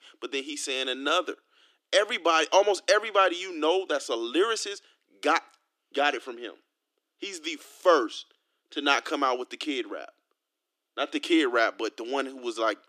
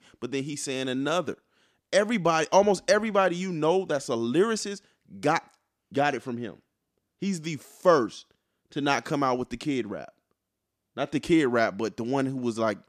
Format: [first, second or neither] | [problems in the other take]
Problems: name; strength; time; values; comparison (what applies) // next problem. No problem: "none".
second | thin; somewhat; fading below 300 Hz